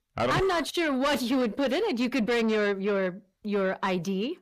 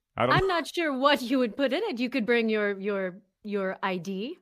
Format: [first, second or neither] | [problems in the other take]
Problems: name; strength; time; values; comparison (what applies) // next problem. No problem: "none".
second | distortion; heavy; 7 dB below the speech